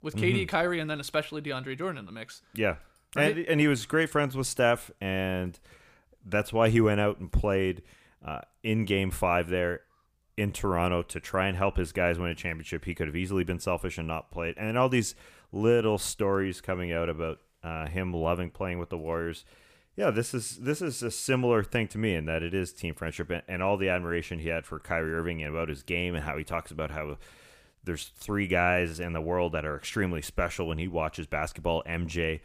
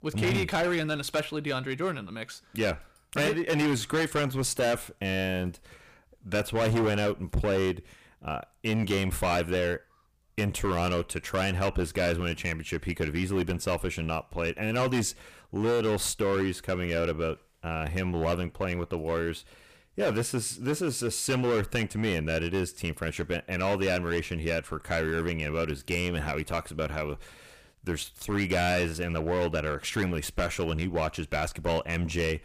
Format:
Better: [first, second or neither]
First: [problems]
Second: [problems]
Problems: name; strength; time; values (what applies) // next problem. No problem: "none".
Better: first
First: none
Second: distortion; heavy; 10% of the sound clipped